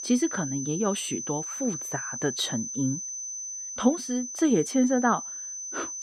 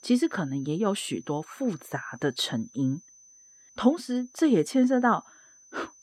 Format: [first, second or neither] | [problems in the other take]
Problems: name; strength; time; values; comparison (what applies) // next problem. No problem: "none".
second | high-pitched whine; loud; throughout; 6 kHz, 5 dB below the speech; faint in the second